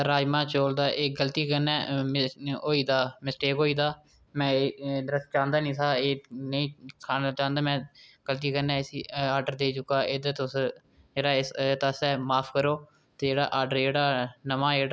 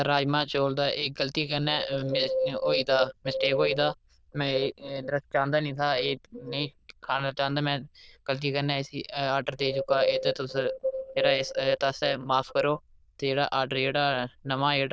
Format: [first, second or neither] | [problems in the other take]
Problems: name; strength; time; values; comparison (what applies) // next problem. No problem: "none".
first | noise reduction (neural diffusion model UNIVERSE++)